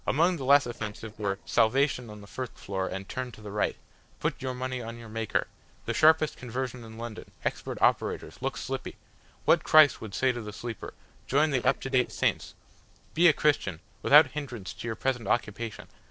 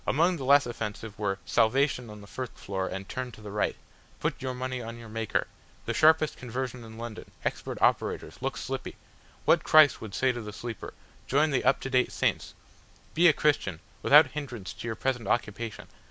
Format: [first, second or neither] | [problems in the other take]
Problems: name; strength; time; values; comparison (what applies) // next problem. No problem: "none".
second | noise reduction (neural separator model SepFormer DNS4)